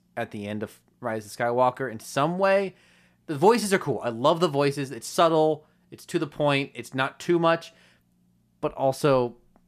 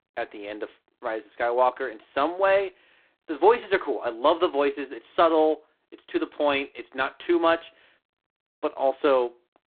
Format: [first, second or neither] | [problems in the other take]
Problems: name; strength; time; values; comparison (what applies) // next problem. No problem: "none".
first | phone-call audio; poor line